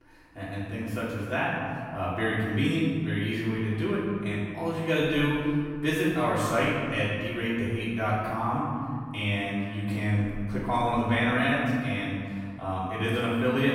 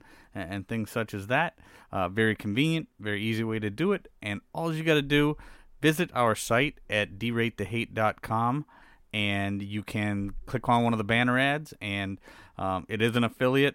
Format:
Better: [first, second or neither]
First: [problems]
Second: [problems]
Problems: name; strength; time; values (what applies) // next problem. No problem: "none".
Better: second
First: room echo; strong; dies away in 2 s // off-mic speech; far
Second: none